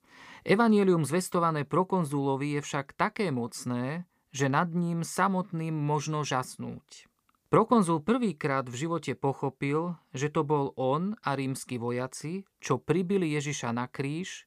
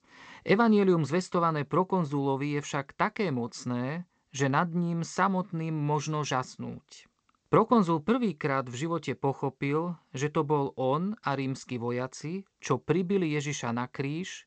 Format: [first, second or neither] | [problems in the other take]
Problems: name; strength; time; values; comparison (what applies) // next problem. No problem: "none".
first | garbled, watery; slightly; nothing above 7.5 kHz